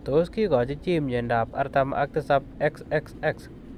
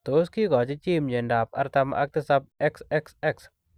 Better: second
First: background sound (Mechanical fan); 16 dB below the speech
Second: none

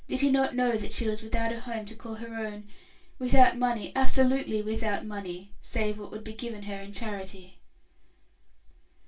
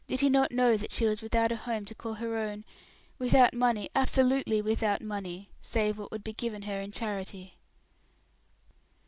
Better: second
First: room echo; dies away in 0.2 s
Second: none

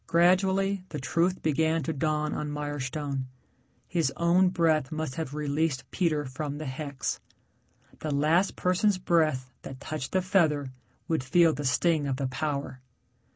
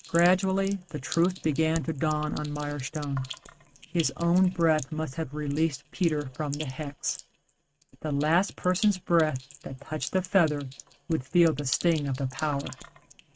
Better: first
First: none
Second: noise reduction (neural mask model RNNoise)

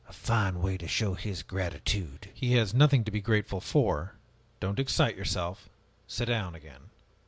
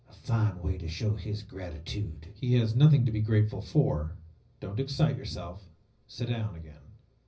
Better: first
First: none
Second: room echo; dies away in 0.4 s

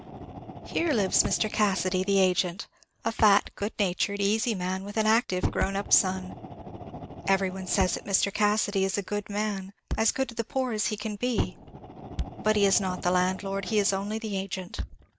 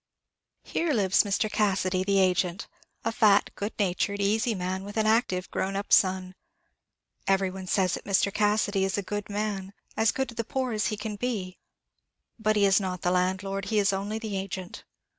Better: second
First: background sound (Fire + Thump, thud); 10 dB below the speech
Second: none

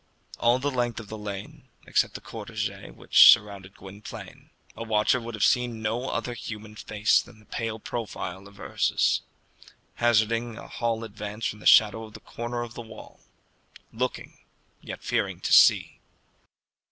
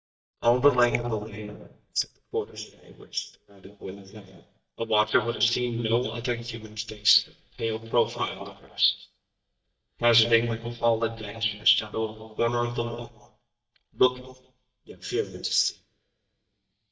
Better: first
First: none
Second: noise reduction (neural mask model DeepFilterNet 3)

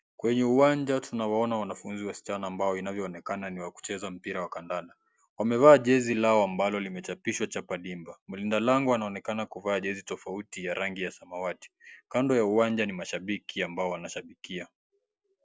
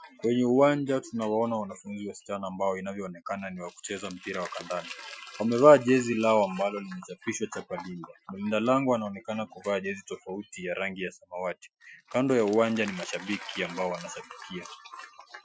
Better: first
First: none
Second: noise reduction (classical method Wiener filter)

